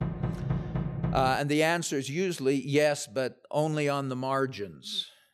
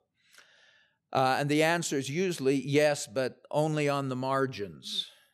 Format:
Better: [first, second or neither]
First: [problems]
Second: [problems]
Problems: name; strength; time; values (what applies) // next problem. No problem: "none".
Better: second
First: door banging; noticeable; until 1.5 s; peak 3 dB below the speech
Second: none